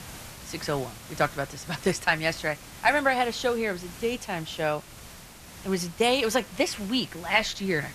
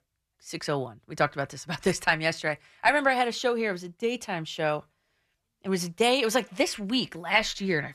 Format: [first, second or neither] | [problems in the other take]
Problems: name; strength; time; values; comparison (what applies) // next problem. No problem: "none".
second | hiss; noticeable; throughout; 15 dB below the speech